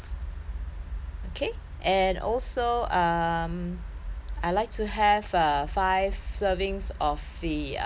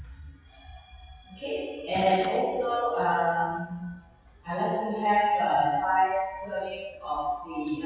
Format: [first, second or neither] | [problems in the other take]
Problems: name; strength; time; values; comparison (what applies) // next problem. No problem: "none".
first | noise reduction (classical method WPE with log-MMSE)